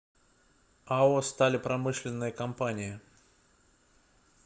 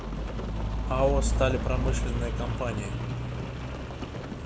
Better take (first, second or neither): first